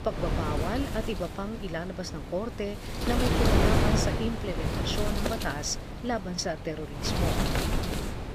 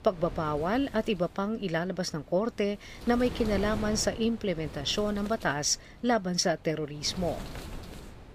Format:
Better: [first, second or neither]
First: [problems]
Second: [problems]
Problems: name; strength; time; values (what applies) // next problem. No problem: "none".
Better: second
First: wind noise on the microphone; heavy; 2 dB above the speech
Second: wind noise on the microphone; occasional gusts; 15 dB below the speech